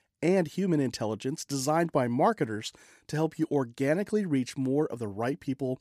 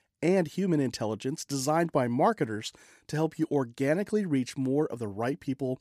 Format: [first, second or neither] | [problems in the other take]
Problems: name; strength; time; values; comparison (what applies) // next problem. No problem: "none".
neither | none